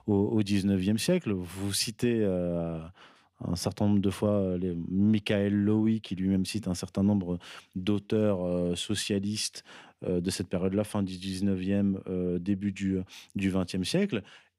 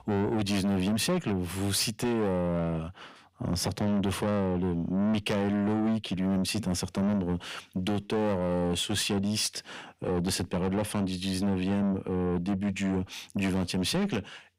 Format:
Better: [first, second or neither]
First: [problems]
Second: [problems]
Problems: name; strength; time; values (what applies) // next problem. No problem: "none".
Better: first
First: none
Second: distortion; heavy; 7 dB below the speech